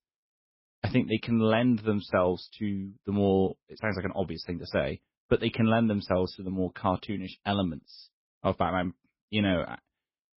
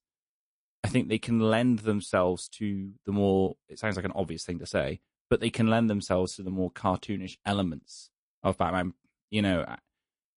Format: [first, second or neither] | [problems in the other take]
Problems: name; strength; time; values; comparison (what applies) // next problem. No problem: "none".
second | garbled, watery; badly; nothing above 5.5 kHz; slightly in the second